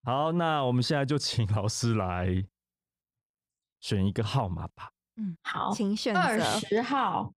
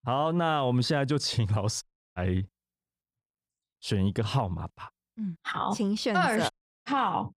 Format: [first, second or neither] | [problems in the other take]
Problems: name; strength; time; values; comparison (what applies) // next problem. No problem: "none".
first | audio cutting out; at 2 s and at 6.5 s